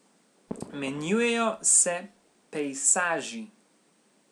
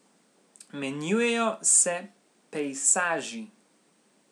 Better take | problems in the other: second | background sound (Fireworks); 17 dB below the speech

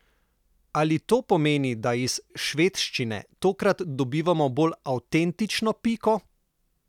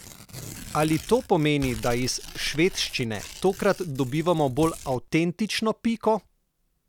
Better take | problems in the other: first | background sound (Tearing); 15 dB below the speech

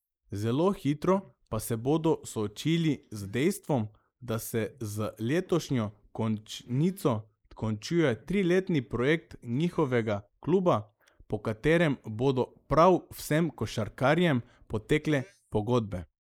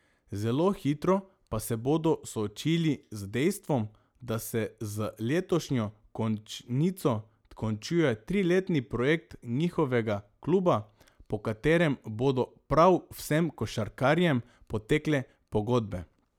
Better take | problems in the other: second | noise reduction (neural mask model Resemble Enhance denoiser)

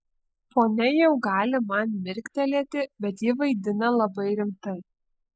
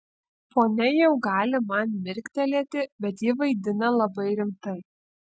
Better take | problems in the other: second | noise reduction (neural mask model Resemble Enhance denoiser)

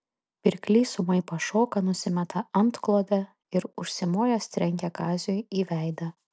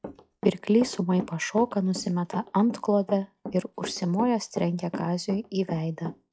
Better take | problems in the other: first | noise reduction (classical method log-MMSE)

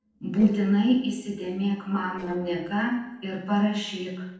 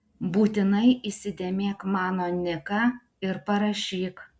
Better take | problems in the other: second | noise reduction (neural separator model SepFormer DNS4)

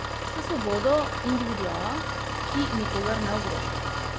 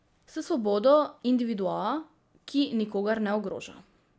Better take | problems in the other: second | background sound (Engine); as loud as the speech

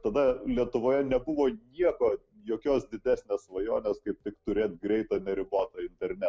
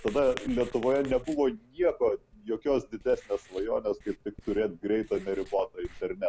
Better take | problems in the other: first | background sound (Writing); 20 dB below the speech

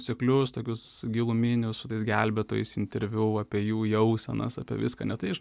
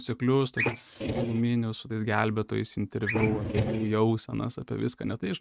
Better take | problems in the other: first | noise reduction (neural mask model RNNoise)

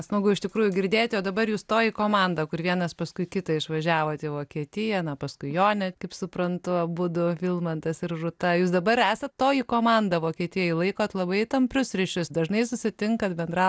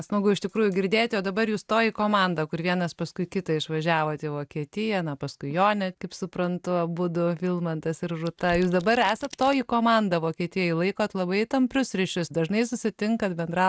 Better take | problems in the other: first | noise reduction (neural mask model RNNoise)

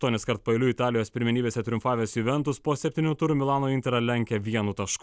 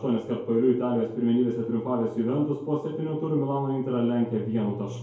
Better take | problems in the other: first | room echo; dies away in 2.3 s

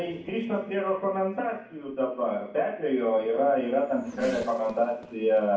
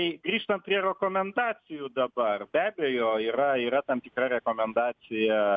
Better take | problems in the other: second | background sound (Race car, auto racing / Accelerating, revving, vroom); 20 dB below the speech // room echo; dies away in 0.6 s

